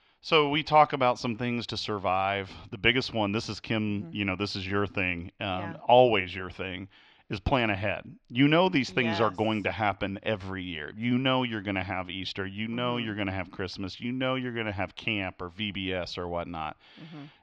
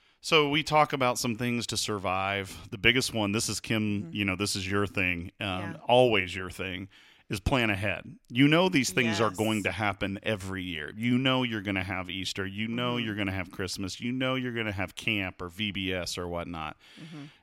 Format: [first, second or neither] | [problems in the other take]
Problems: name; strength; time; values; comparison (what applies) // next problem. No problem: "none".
second | muffled; very slightly; fading above 4.5 kHz